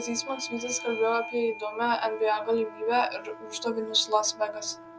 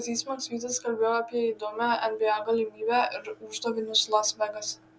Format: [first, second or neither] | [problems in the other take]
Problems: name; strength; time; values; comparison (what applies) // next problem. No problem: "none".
second | background sound (Trumpet + Bell / Doorbell); 14 dB below the speech